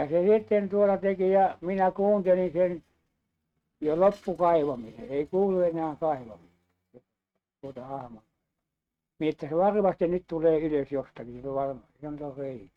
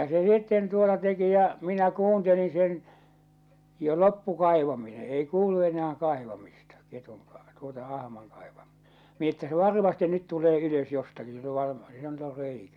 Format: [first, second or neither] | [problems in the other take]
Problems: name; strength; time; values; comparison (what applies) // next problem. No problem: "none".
second | noise reduction (neural mask model RNNoise)